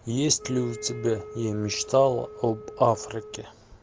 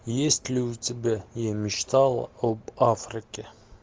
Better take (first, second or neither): second